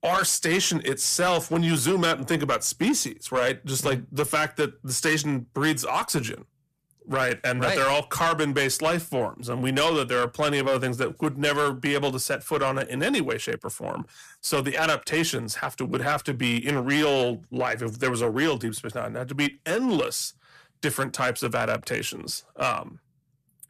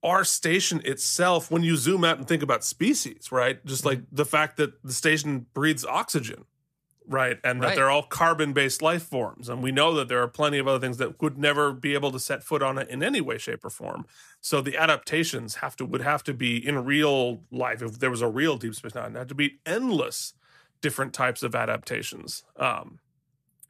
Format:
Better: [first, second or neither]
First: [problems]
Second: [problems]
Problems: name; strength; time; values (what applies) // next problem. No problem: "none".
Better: second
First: distortion; slight; 10 dB below the speech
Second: none